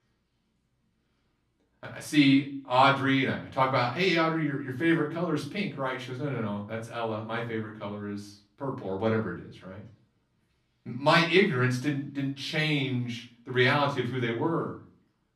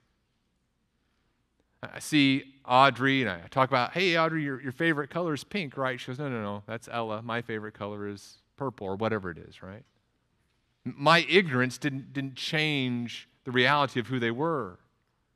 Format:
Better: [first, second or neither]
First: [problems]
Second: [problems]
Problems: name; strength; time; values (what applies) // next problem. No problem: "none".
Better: second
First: off-mic speech; far // room echo; slight; dies away in 0.3 s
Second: none